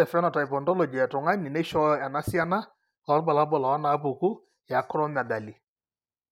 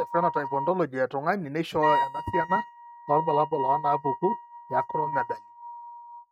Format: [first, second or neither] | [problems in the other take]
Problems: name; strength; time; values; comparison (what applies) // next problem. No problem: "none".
first | noise reduction (neural mask model RNNoise)